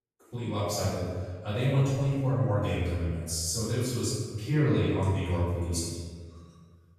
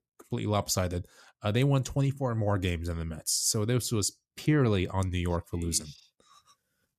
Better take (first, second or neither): second